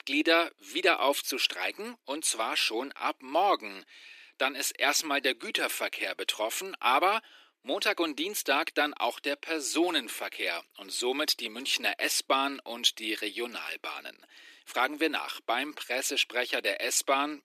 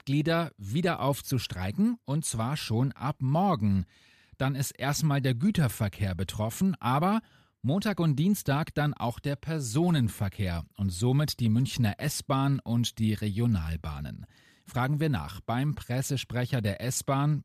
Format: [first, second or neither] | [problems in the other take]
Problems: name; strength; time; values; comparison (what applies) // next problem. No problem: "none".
second | thin; very; fading below 300 Hz